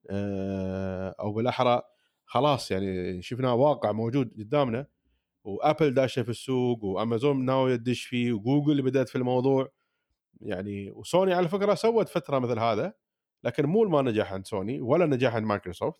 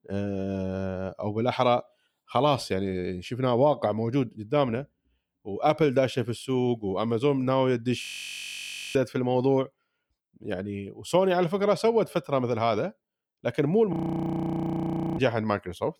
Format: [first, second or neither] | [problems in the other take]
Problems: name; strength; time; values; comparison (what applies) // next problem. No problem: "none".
first | audio freezing; at 8 s for 1 s and at 14 s for 1.5 s